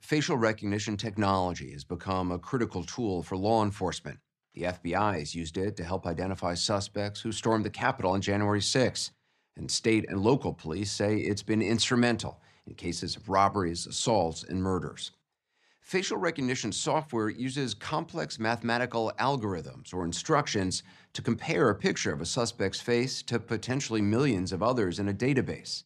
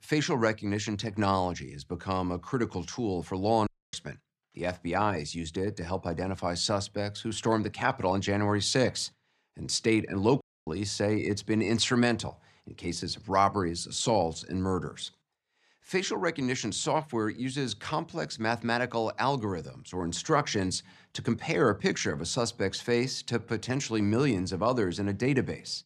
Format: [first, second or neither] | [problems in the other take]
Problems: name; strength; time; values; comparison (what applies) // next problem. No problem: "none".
first | audio cutting out; at 3.5 s and at 10 s